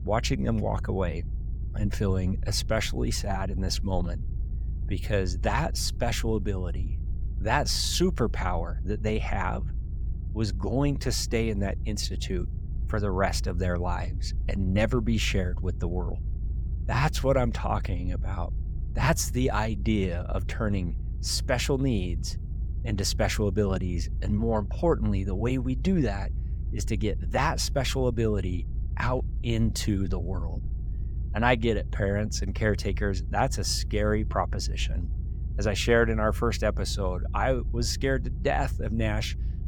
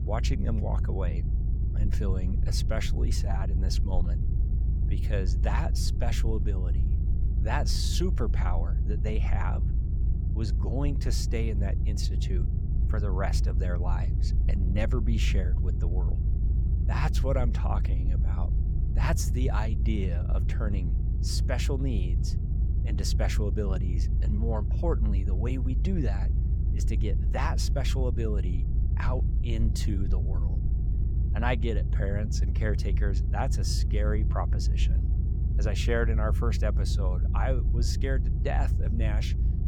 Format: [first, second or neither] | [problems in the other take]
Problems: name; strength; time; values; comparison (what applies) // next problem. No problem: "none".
first | low rumble; loud; throughout; 8 dB below the speech; faint in the first